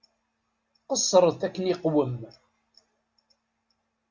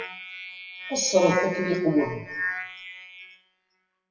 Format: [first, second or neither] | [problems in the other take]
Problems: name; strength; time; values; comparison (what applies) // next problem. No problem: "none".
first | noise reduction (classical method WPE with log-MMSE)